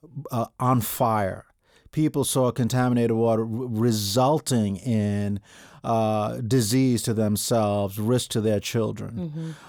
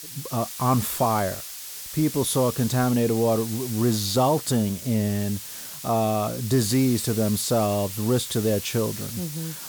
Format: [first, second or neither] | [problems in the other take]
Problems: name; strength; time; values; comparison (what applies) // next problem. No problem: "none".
first | hiss; loud; throughout; 9 dB below the speech